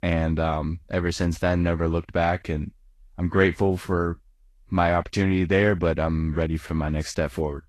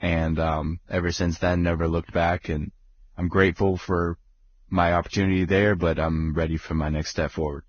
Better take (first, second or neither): first